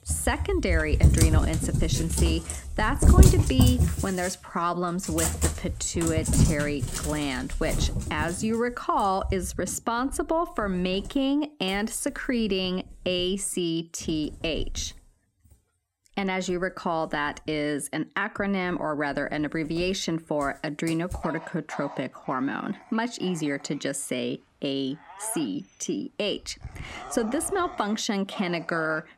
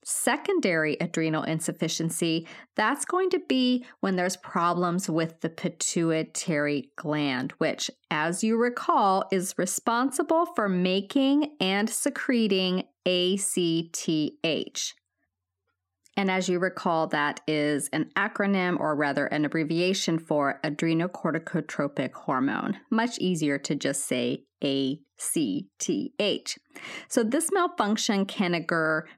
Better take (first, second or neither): second